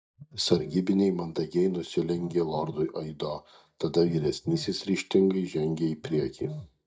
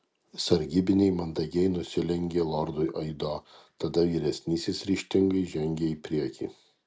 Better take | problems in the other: second | noise reduction (neural mask model DeepFilterNet 3)

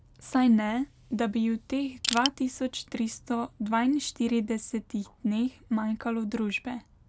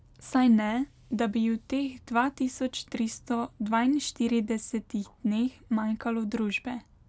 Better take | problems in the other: second | background sound (Crushing); 3 dB below the speech

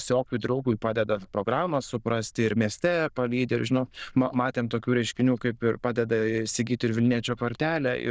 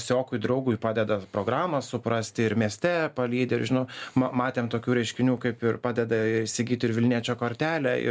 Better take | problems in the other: second | noise reduction (neural diffusion model UNIVERSE++)

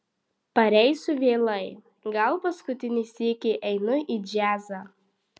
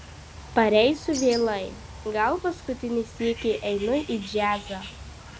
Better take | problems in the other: first | background sound (Bird); 14 dB below the speech

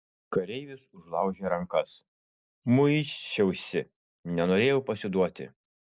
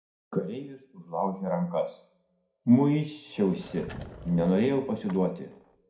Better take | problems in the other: first | background sound (Sliding door / Wood); 17 dB below the speech // room echo; dies away in 0.4 s

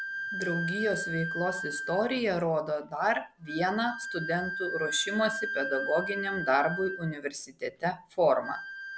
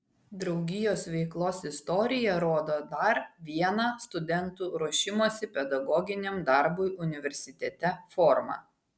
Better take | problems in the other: second | background sound (Wind instrument, woodwind instrument); 6 dB below the speech

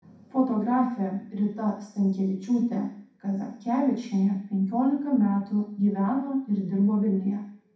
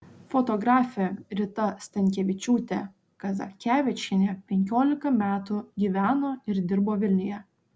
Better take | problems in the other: second | room echo; dies away in 0.6 s

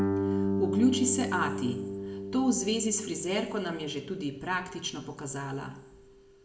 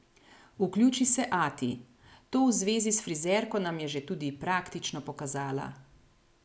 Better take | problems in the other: second | background sound (Guitar); 3 dB below the speech // room echo; dies away in 0.7 s

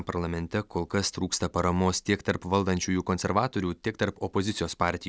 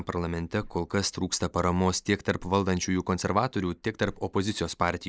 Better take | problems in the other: first | noise reduction (neural mask model Resemble Enhance denoiser)

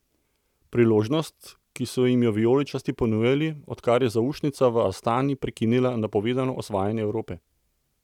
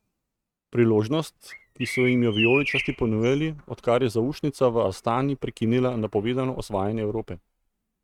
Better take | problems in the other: first | noise reduction (neural mask model RNNoise)

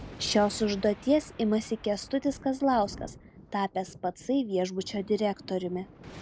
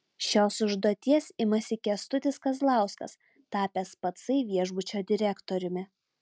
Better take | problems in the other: second | background sound (Thunder); 18 dB below the speech

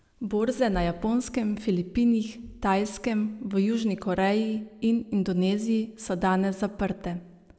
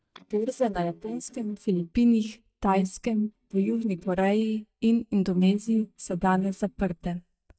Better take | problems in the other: first | noise reduction (neural mask model DeepFilterNet 3)

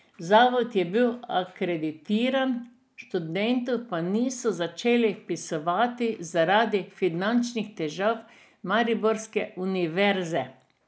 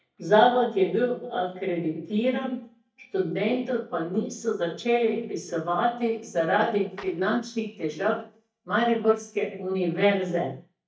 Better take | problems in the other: first | noise reduction (neural mask model DeepFilterNet 3)

